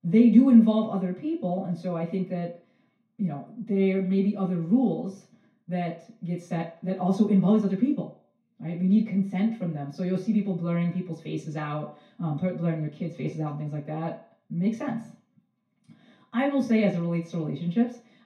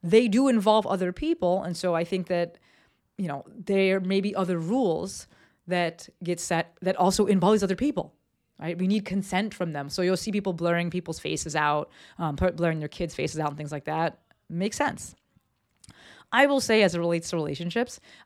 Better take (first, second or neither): second